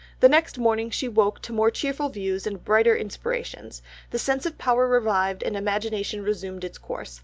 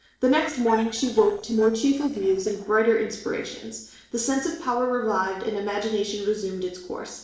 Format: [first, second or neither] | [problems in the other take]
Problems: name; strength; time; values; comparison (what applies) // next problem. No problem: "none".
first | noise reduction (neural separator model SepFormer DNS4)